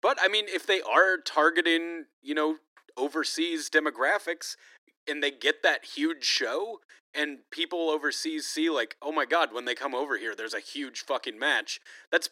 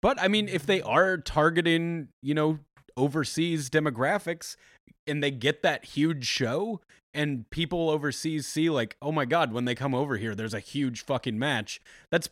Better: second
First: thin; somewhat; fading below 300 Hz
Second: none

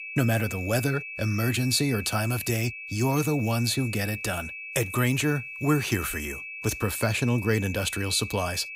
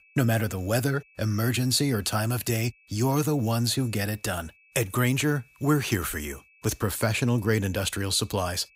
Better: second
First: high-pitched whine; loud; throughout; 2.5 kHz, 9 dB below the speech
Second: high-pitched whine; faint; throughout; 2.5 kHz, 30 dB below the speech

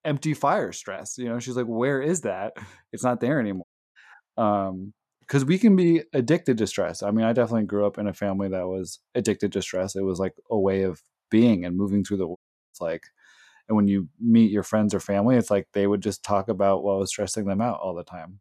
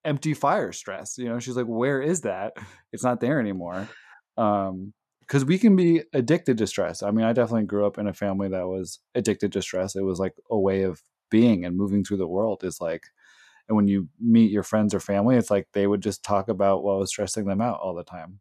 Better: second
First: audio cutting out; at 3.5 s and at 12 s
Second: none

